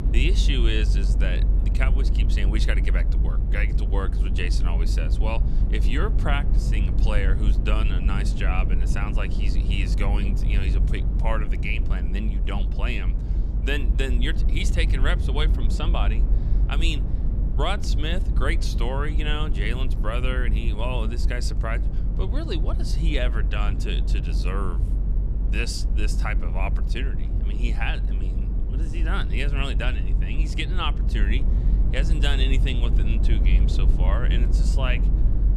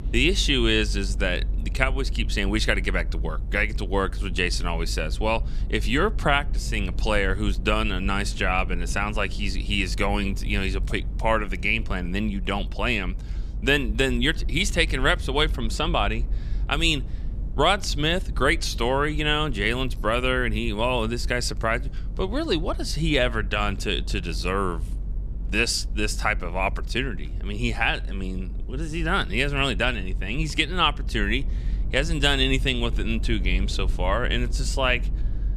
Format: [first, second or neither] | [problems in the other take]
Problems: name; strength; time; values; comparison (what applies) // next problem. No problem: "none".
second | low rumble; loud; throughout; 9 dB below the speech; faint in the second